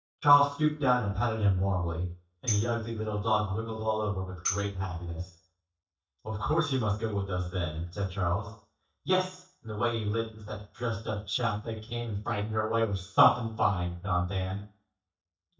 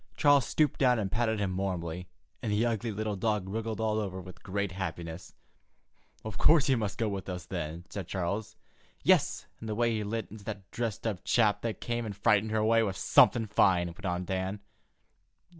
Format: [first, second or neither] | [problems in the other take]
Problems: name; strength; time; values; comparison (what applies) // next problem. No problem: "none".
second | noise reduction (neural mask model DeepFilterNet 3)